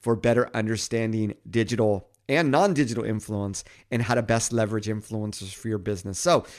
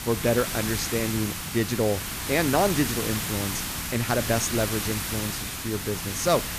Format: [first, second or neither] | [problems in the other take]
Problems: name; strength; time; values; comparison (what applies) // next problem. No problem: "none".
first | hiss; loud; throughout; 2 dB below the speech